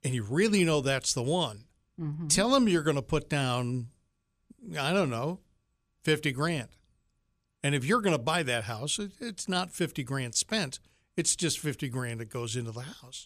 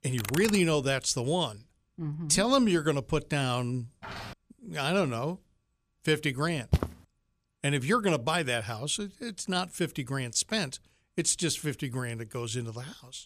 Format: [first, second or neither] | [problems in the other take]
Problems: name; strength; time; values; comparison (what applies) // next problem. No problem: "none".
first | keyboard typing; noticeable; at the start; peak 6 dB below the speech // footsteps; faint; at 4 s; peak 10 dB below the speech // footsteps; noticeable; at 6.5 s; peak 1 dB below the speech